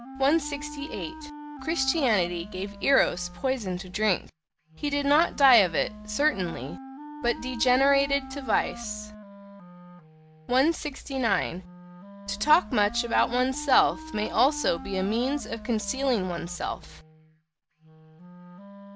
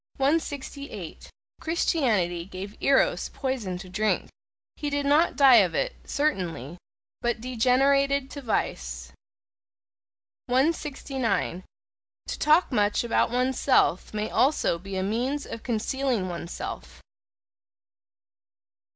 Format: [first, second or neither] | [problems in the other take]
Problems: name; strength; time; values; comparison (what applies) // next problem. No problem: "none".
second | background sound (Wind instrument, woodwind instrument); 15 dB below the speech